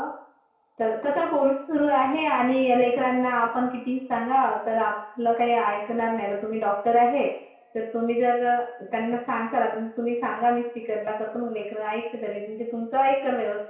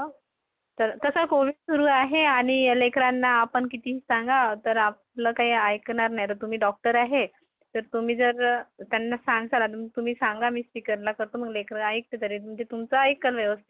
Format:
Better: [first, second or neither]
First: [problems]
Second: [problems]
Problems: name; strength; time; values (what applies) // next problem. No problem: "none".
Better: second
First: room echo; dies away in 0.6 s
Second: none